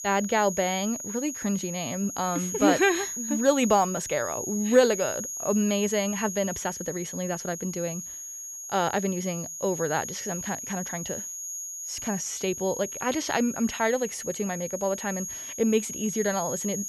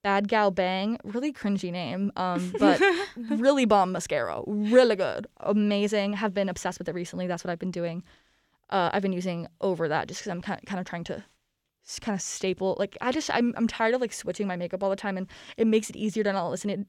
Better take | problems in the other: second | high-pitched whine; loud; throughout; 6.5 kHz, 6 dB below the speech

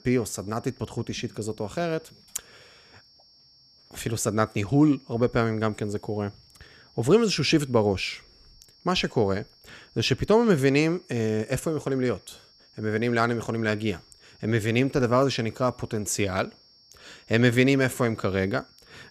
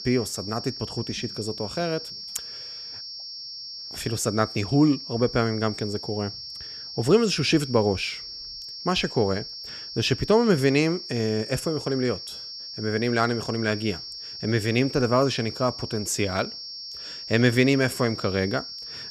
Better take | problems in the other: first | high-pitched whine; loud; throughout; 5.5 kHz, 10 dB below the speech; faint in the first

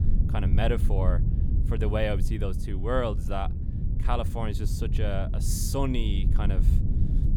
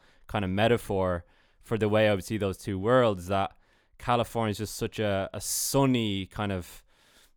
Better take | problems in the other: second | low rumble; loud; throughout; 10 dB below the speech

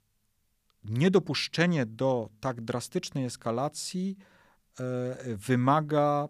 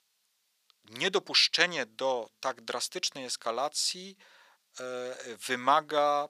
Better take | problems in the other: first | thin; very; fading below 600 Hz

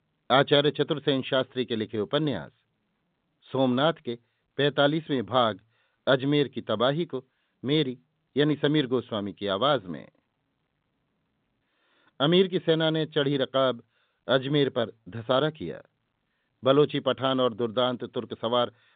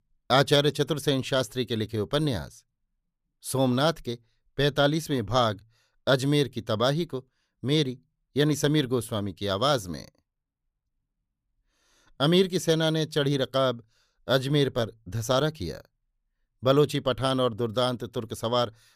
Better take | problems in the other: second | phone-call audio; nothing above 3.5 kHz

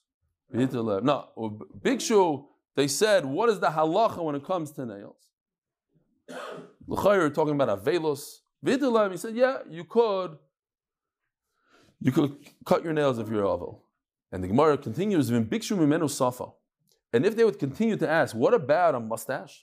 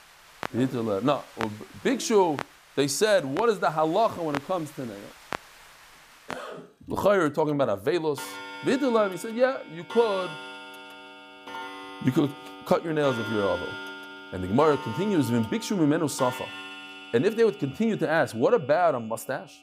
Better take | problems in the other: first | household noises; noticeable; throughout; 15 dB below the speech

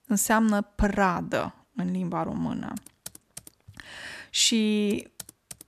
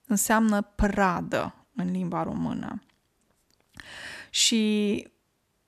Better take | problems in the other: second | keyboard typing; faint; from 3 s on; peak 15 dB below the speech

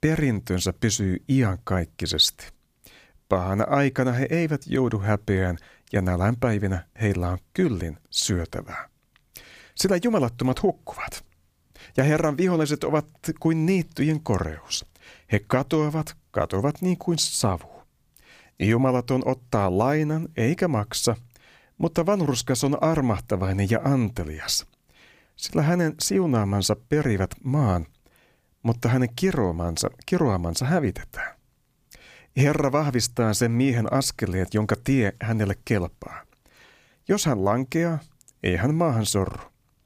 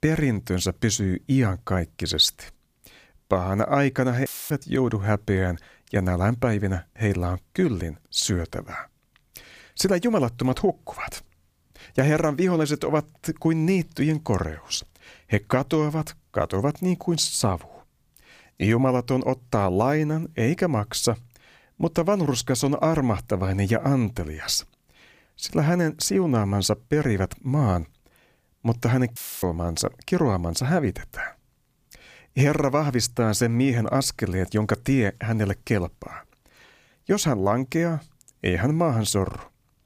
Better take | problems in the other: first | audio cutting out; filled with static; at 4.5 s and at 29 s

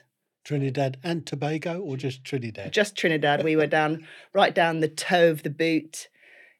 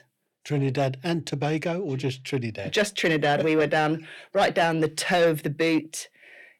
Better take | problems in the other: first | distortion; slight; 10 dB below the speech

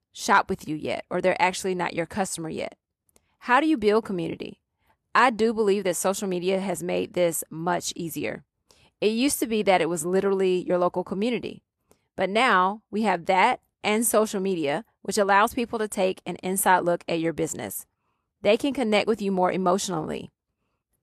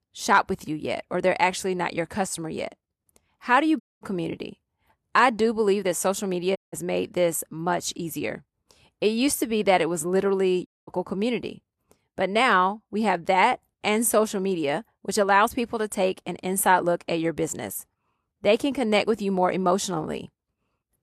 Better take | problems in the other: first | audio cutting out; at 4 s, at 6.5 s and at 11 s

